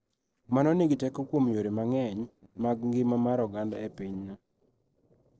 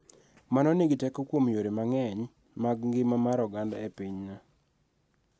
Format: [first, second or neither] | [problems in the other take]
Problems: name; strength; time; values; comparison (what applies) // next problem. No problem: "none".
second | noise reduction (neural separator model SepFormer DNS4)